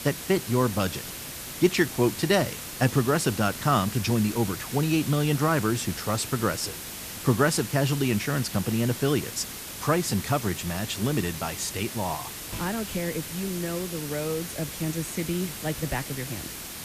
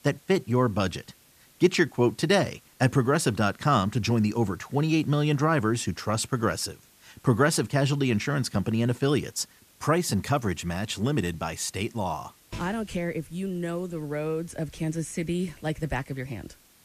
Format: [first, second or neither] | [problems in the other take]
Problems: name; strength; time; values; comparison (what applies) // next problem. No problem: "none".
second | hiss; loud; throughout; 8 dB below the speech; faint in the second